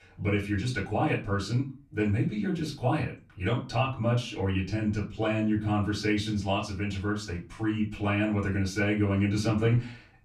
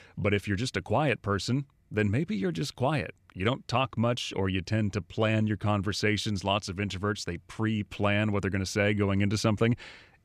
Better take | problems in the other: second | off-mic speech; far // room echo; very slight; dies away in 0.3 s

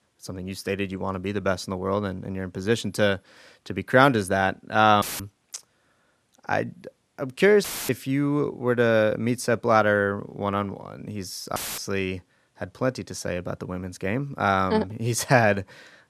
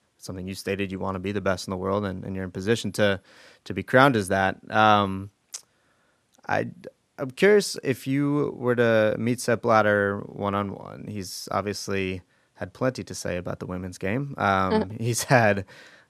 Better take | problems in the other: second | audio cutting out; filled with static; at 5 s, at 7.5 s and at 12 s

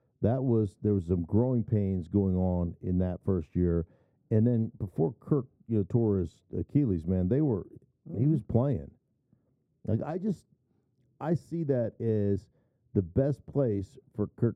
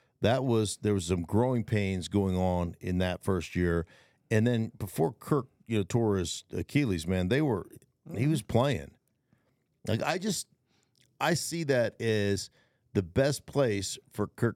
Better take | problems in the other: second | muffled; very; fading above 1 kHz

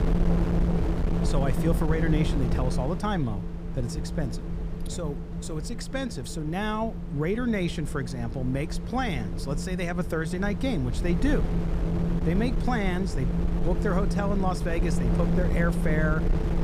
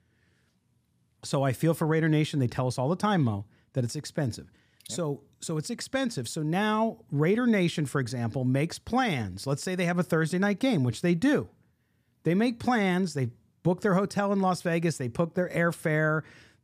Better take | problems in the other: second | wind noise on the microphone; heavy; 5 dB below the speech

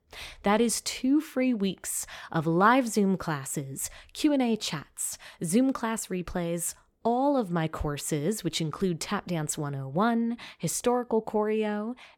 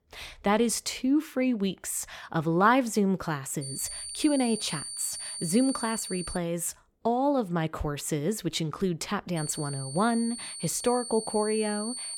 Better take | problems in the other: first | high-pitched whine; loud; from 3.5 to 6.5 s and from 9.5 s on; 9 kHz, 7 dB below the speech

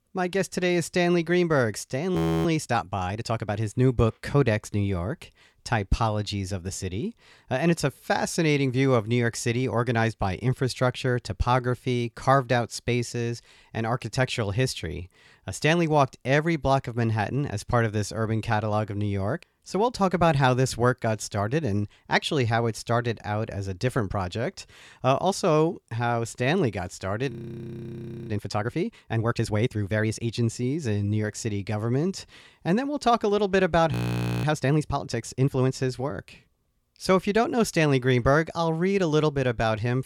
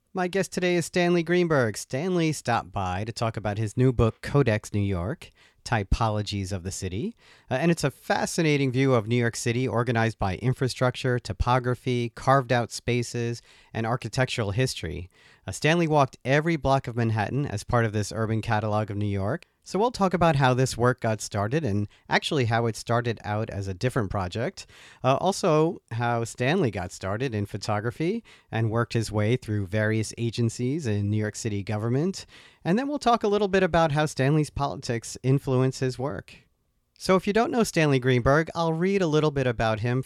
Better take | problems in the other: second | audio freezing; at 2 s, at 27 s for 1 s and at 34 s for 0.5 s

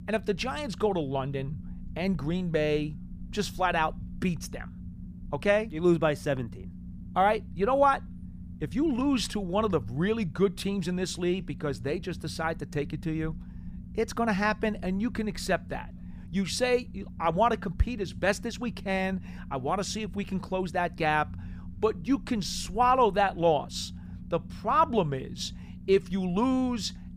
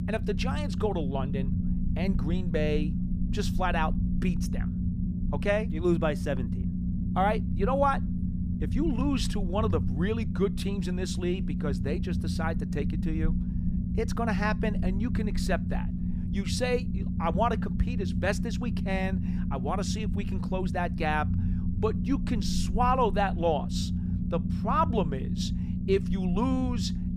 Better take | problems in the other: first | low rumble; loud; throughout; 9 dB below the speech; faint in the first

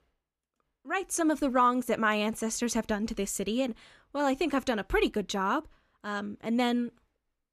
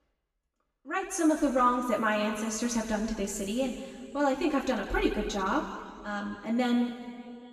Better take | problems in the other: first | room echo; noticeable; dies away in 1.9 s // off-mic speech; far

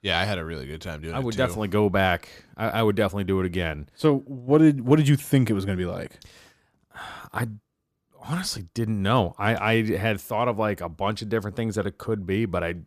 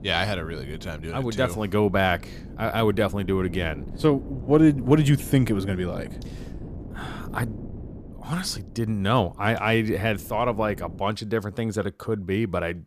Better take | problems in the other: first | wind noise on the microphone; occasional gusts; until 11 s; 20 dB below the speech

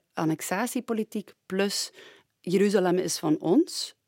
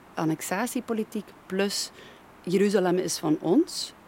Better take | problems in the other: first | hiss; faint; throughout; 25 dB below the speech

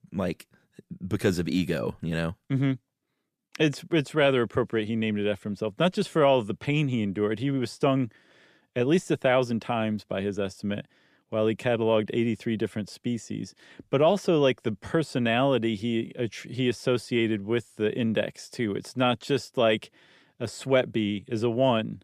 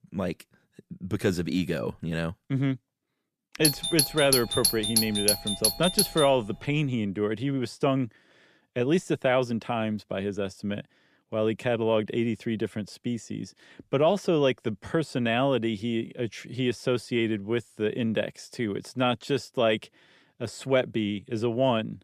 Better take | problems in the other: first | doorbell; loud; from 3.5 to 6.5 s; peak 5 dB above the speech

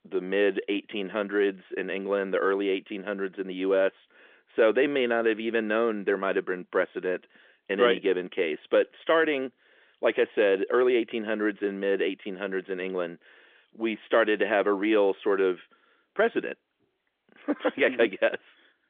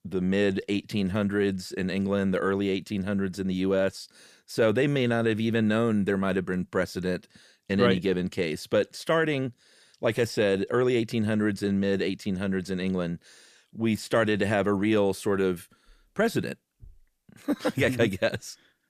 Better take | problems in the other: second | phone-call audio; nothing above 3.5 kHz

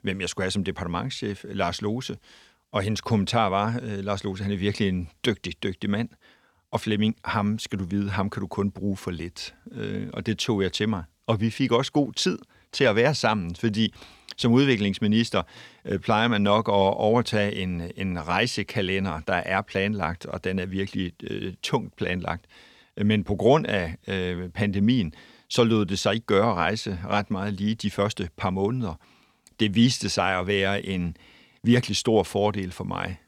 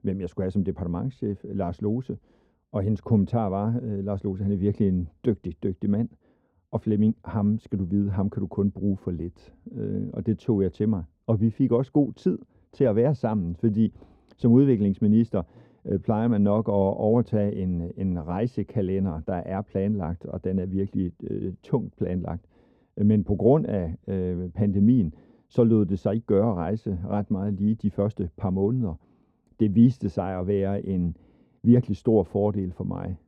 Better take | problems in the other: first | muffled; very; fading above 1 kHz

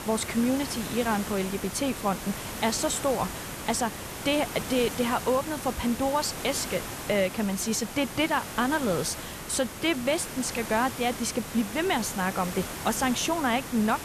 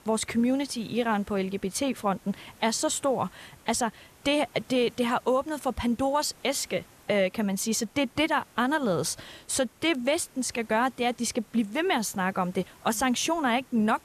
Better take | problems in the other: second | hiss; loud; throughout; 8 dB below the speech; faint in the second

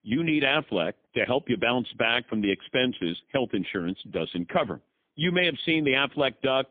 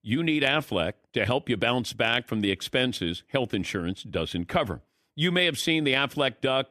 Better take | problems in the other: second | phone-call audio; poor line; nothing above 3.5 kHz

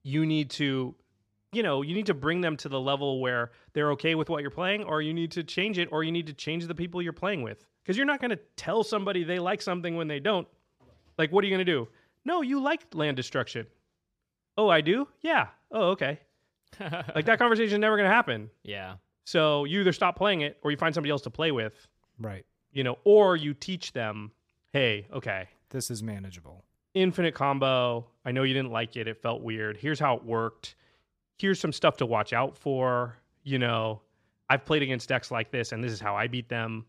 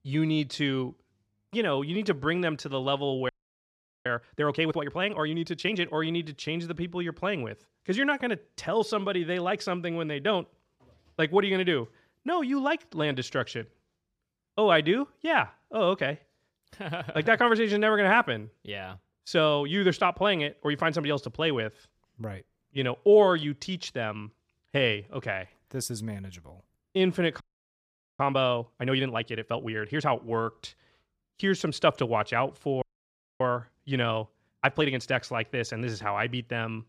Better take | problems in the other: first | audio freezing; at 3.5 s for 1 s, at 27 s for 1 s and at 33 s for 0.5 s

